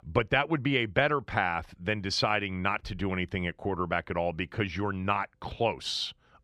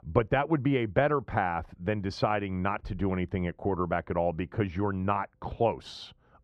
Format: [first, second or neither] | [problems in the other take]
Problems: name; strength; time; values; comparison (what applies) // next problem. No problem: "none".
first | muffled; slightly; fading above 1.5 kHz